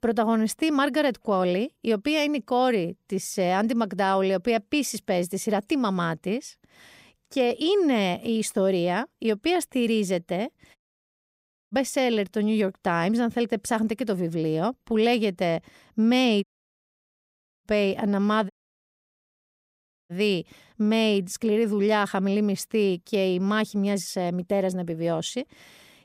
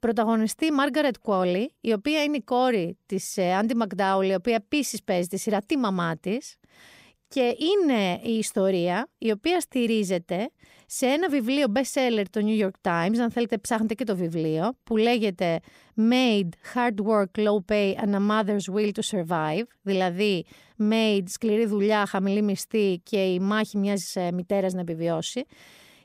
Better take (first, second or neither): second